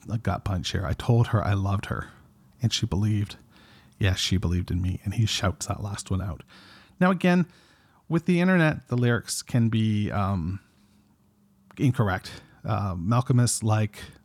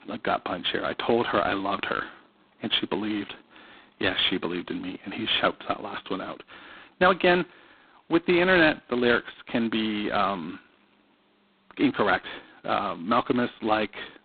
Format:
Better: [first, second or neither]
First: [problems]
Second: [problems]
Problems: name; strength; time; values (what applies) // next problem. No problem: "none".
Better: first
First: none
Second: phone-call audio; poor line; nothing above 3.5 kHz